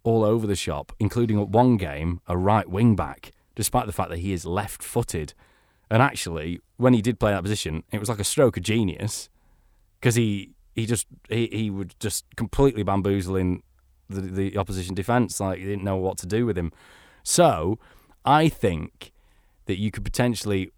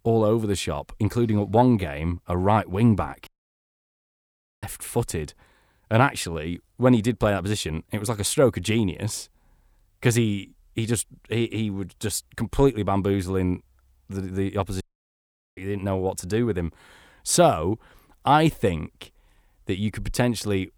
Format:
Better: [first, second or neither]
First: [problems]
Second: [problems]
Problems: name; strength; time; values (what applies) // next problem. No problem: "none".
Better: first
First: none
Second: audio cutting out; at 3.5 s for 1.5 s and at 15 s for 1 s